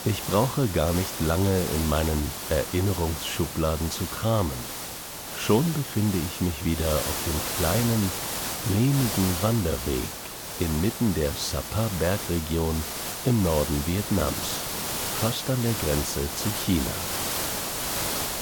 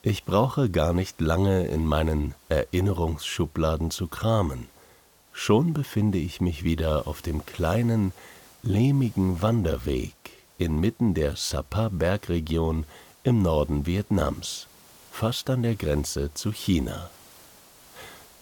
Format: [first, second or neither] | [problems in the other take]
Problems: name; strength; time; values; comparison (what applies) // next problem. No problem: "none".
second | hiss; loud; throughout; 4 dB below the speech; faint in the second